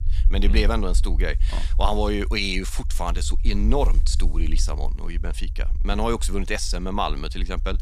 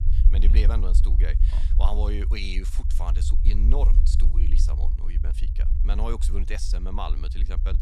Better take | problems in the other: first | low rumble; loud; throughout; 8 dB below the speech; faint in the first

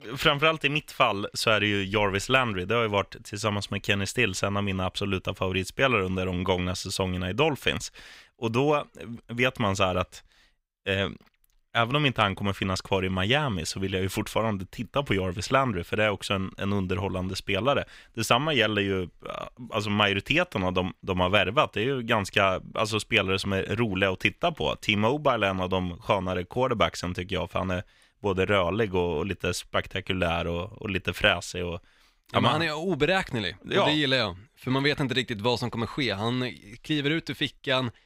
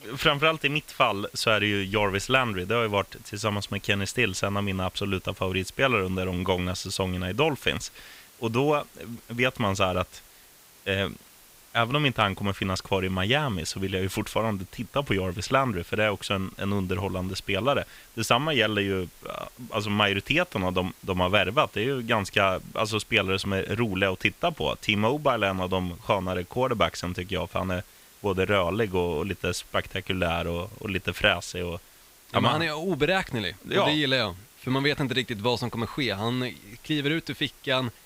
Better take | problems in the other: first | hiss; faint; throughout; 25 dB below the speech

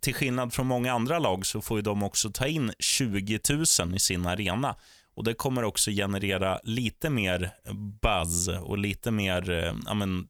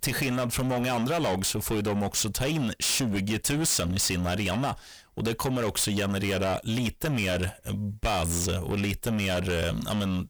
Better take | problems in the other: first | distortion; heavy; 7 dB below the speech

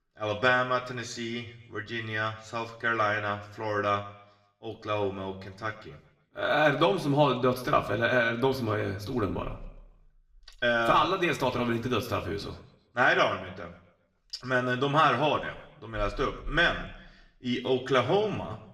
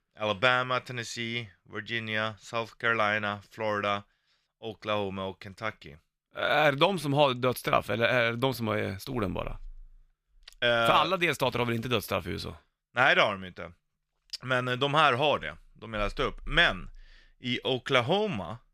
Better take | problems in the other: second | room echo; very slight; dies away in 0.6 s // off-mic speech; somewhat distant

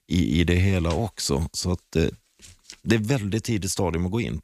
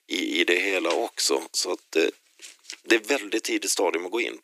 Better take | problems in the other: first | thin; very; fading below 300 Hz

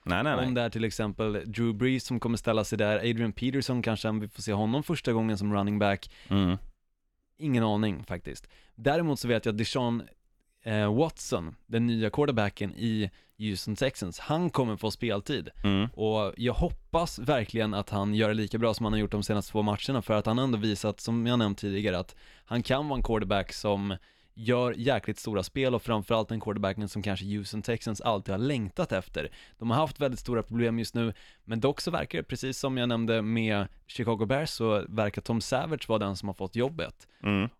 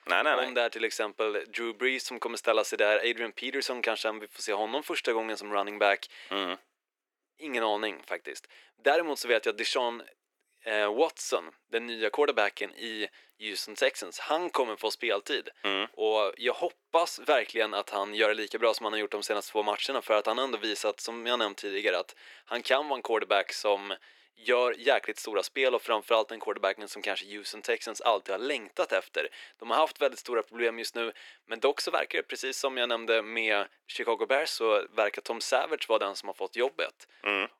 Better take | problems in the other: first | thin; very; fading below 350 Hz

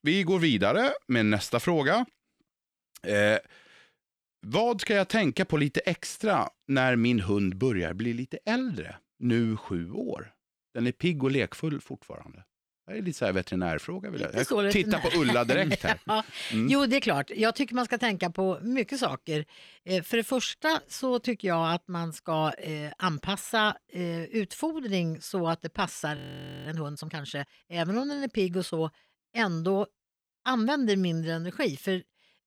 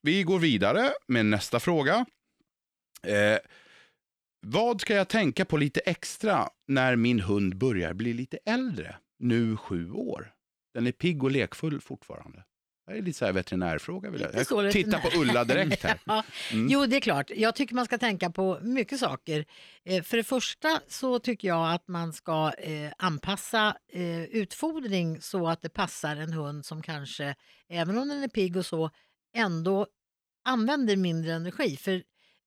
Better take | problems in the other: second | audio freezing; at 26 s

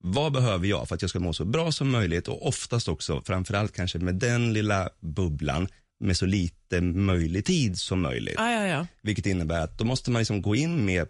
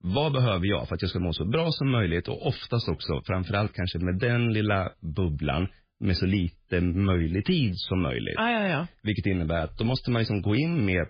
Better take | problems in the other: first | garbled, watery; badly; nothing above 5 kHz; slightly in the first

